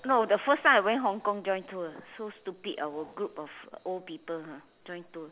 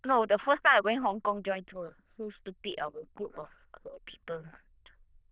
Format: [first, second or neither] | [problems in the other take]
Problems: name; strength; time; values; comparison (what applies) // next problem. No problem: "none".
first | noise reduction (neural diffusion model UNIVERSE++)